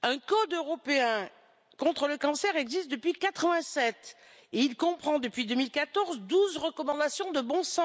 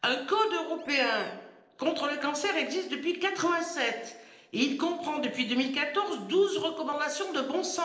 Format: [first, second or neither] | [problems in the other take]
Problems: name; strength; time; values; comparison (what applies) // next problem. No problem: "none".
first | noise reduction (neural separator model SepFormer DNS4)